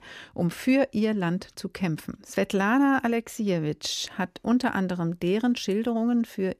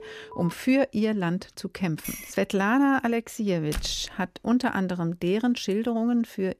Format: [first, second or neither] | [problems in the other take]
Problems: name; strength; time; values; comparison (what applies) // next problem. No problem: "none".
first | alarm; faint; at the start; peak 15 dB below the speech // clattering dishes; faint; at 2 s; peak 10 dB below the speech // door banging; faint; at 3.5 s; peak 10 dB below the speech